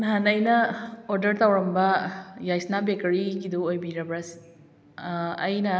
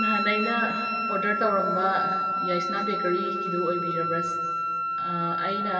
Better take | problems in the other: first | background sound (Wind instrument, woodwind instrument); 1 dB above the speech // room echo; dies away in 2.4 s

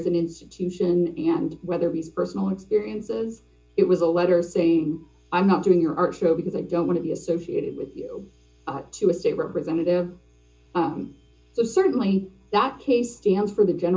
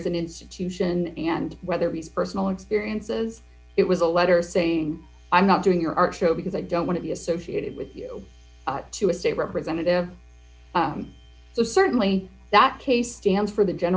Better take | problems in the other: second | room echo; dies away in 0.2 s

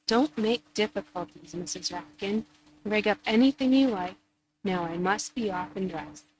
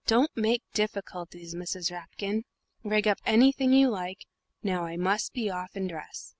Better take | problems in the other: second | noise reduction (neural mask model RNNoise)

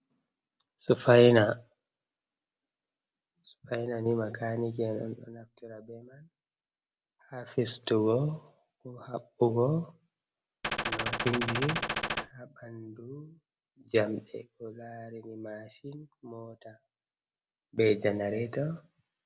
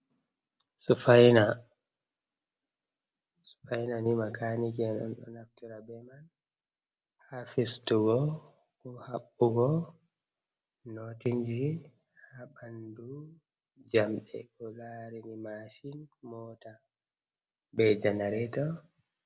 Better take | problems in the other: second | background sound (Gunshot, gunfire); 1 dB below the speech

